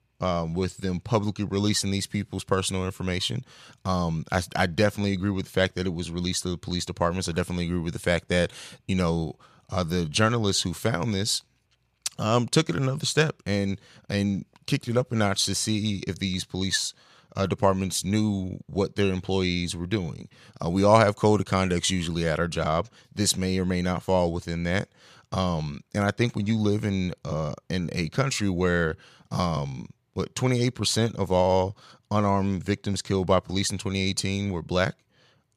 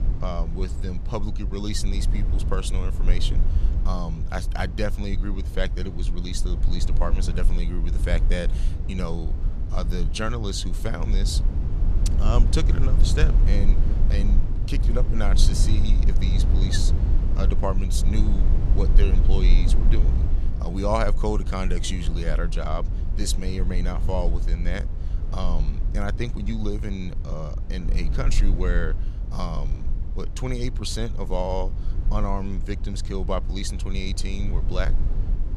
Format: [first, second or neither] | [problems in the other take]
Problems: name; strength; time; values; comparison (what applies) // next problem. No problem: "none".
first | low rumble; loud; throughout; 10 dB below the speech